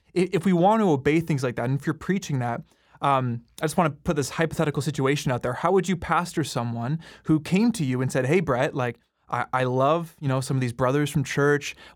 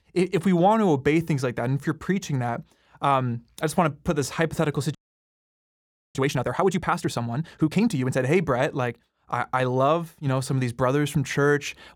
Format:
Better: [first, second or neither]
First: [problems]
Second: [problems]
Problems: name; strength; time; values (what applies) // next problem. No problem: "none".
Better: first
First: none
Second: audio freezing; at 5 s for 1 s